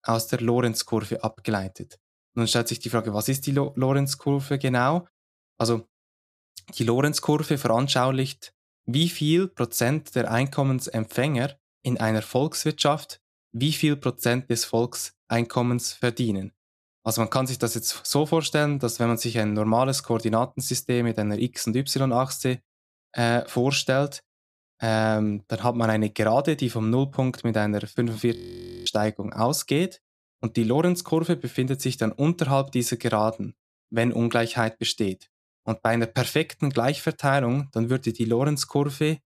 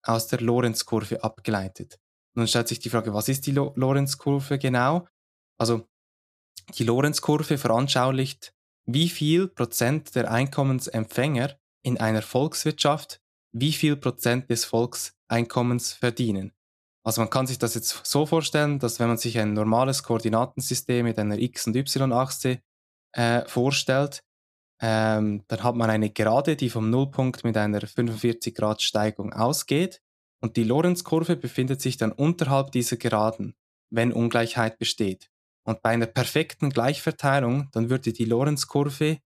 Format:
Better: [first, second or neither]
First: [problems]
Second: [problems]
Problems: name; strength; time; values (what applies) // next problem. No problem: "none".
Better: second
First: audio freezing; at 28 s for 0.5 s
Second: none